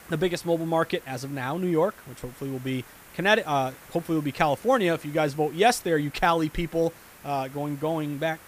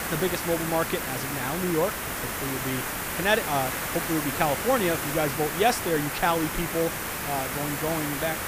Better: first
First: hiss; faint; throughout; 20 dB below the speech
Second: hiss; loud; throughout; 2 dB below the speech

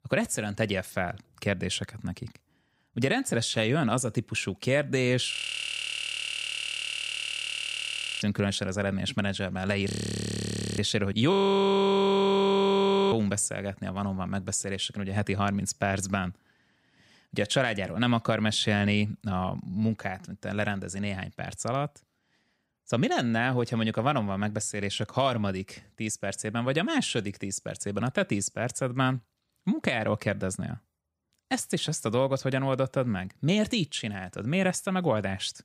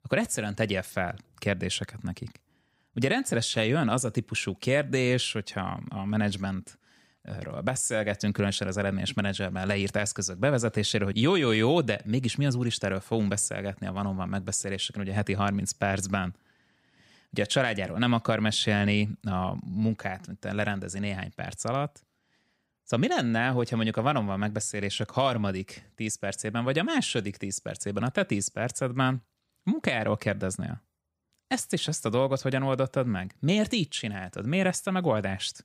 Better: second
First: audio freezing; at 5.5 s for 3 s, at 10 s for 1 s and at 11 s for 2 s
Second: none

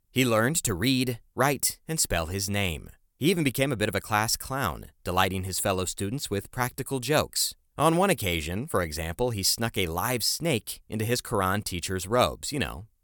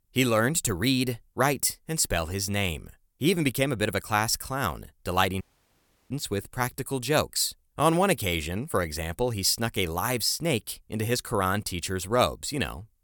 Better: first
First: none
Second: audio cutting out; at 5.5 s for 0.5 s

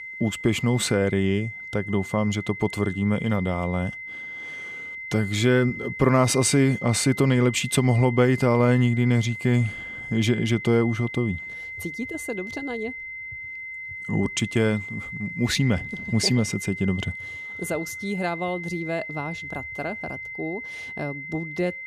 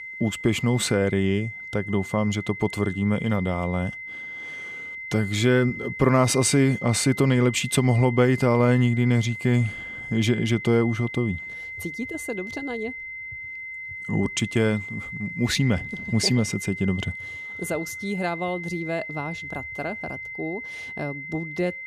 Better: neither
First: high-pitched whine; loud; throughout; 2 kHz, 10 dB below the speech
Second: high-pitched whine; loud; throughout; 2 kHz, 10 dB below the speech

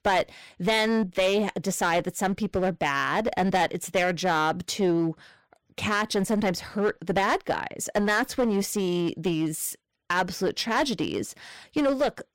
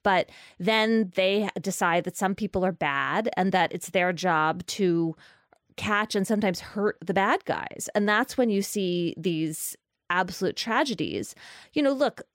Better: second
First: distortion; slight; 7% of the sound clipped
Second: none

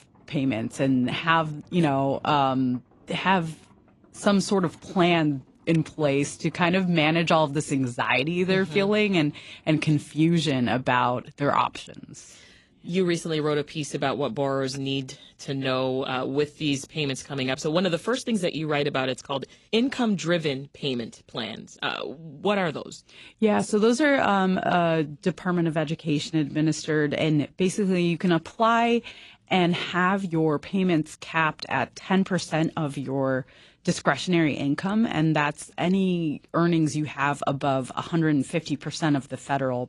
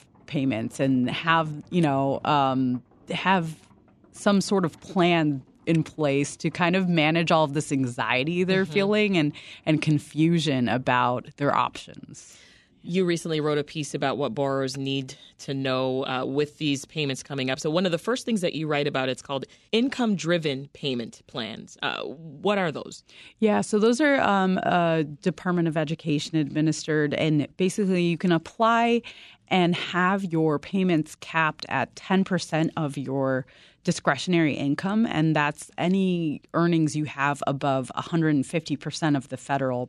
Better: second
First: garbled, watery; slightly; nothing above 10.5 kHz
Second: none

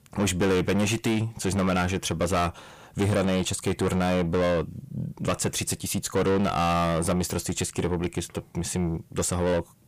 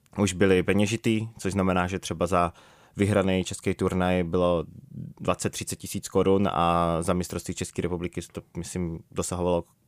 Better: second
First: distortion; heavy; 7 dB below the speech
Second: none

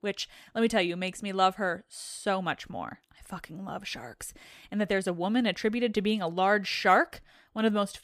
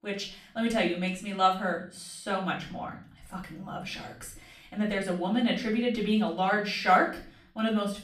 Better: first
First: none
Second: off-mic speech; far // room echo; slight; dies away in 0.5 s

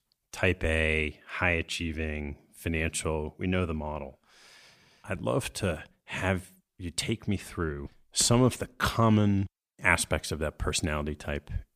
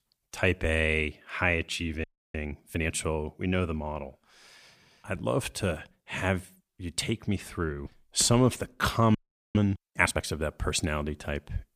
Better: first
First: none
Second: audio freezing; at 2 s and at 9 s

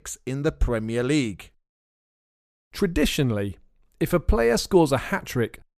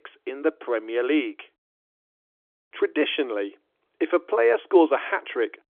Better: first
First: none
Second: phone-call audio; nothing above 3.5 kHz

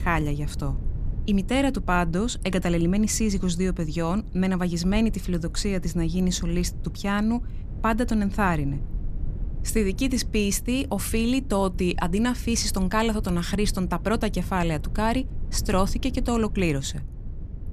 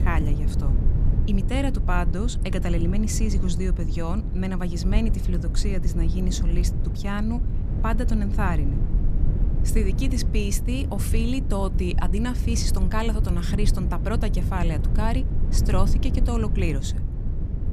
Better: first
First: low rumble; faint; throughout; 20 dB below the speech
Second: low rumble; loud; throughout; 8 dB below the speech

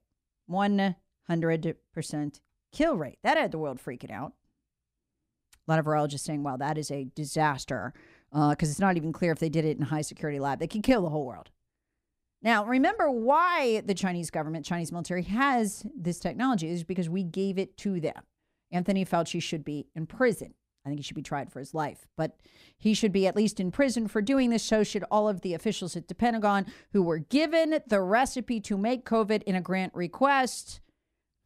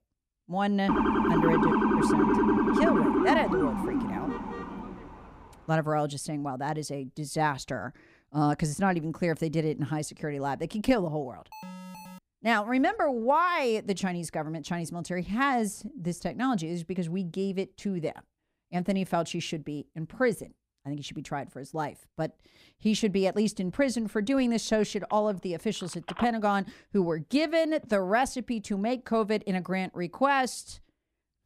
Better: first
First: none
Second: siren; loud; from 1 to 5 s; peak 6 dB above the speech // alarm; faint; at 12 s; peak 15 dB below the speech // phone ringing; noticeable; from 25 to 28 s; peak 9 dB below the speech

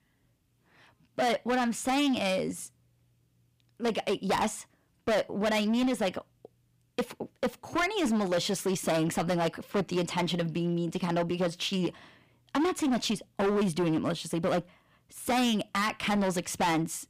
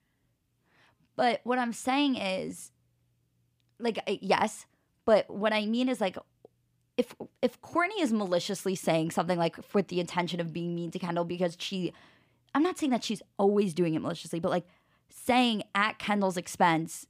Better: second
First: distortion; heavy; 13% of the sound clipped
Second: none

